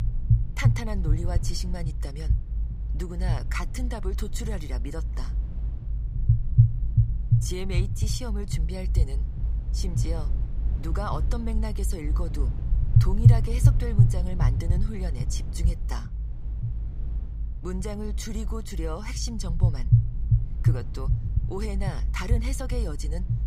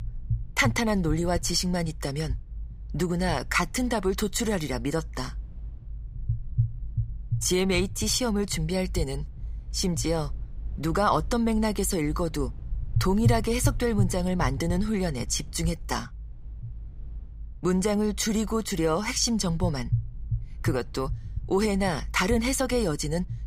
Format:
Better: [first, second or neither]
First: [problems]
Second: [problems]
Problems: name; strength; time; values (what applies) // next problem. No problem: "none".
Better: second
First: low rumble; loud; throughout; 2 dB below the speech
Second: low rumble; faint; throughout; 20 dB below the speech